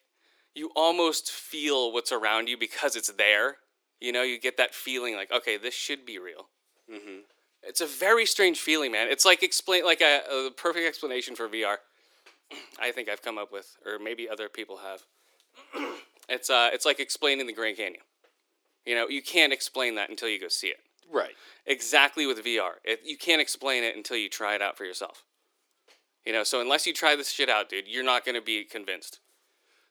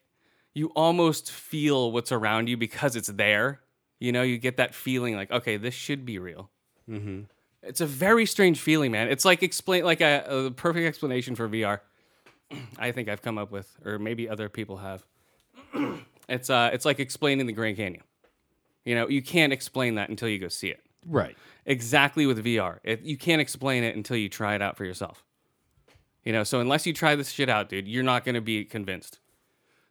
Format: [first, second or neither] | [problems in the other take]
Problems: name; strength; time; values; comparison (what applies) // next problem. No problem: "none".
second | thin; somewhat; fading below 350 Hz